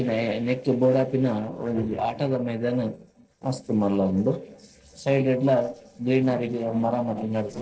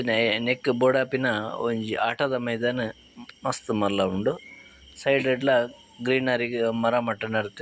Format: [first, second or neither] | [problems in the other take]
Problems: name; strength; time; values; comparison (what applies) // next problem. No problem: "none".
second | noise reduction (neural separator model SepFormer DNS4)